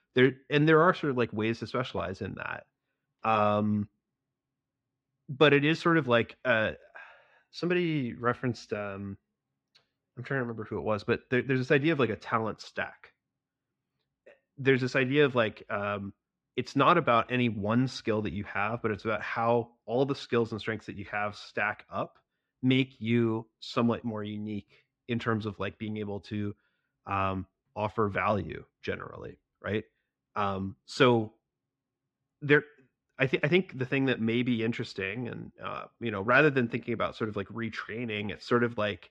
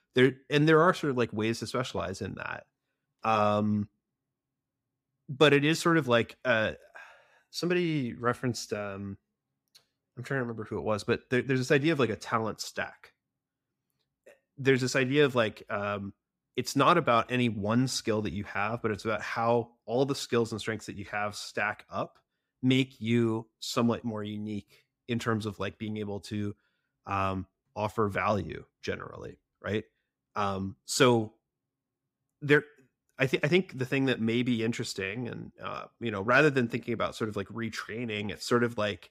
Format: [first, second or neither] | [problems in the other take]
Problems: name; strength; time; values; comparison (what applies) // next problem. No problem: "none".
second | muffled; slightly; fading above 3 kHz